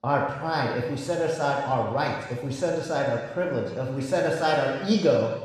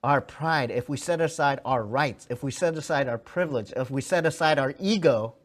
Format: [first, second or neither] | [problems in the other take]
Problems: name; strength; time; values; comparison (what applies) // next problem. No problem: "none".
second | room echo; noticeable; dies away in 1.1 s // off-mic speech; somewhat distant